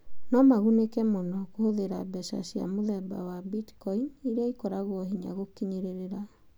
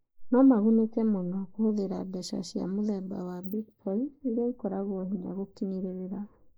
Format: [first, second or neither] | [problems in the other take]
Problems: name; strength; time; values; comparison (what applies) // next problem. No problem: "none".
first | noise reduction (neural mask model Resemble Enhance denoiser)